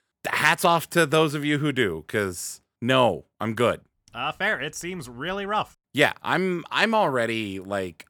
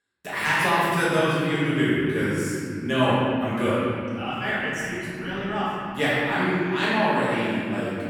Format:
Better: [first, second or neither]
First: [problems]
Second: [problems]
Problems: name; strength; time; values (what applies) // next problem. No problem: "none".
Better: first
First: none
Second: room echo; strong; dies away in 3 s // off-mic speech; far